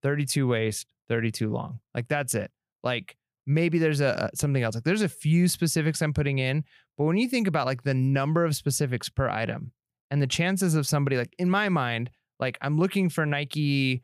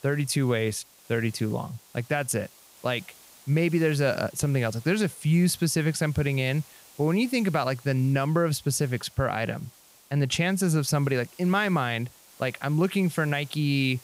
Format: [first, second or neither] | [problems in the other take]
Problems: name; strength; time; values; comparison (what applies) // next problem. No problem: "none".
first | hiss; faint; throughout; 25 dB below the speech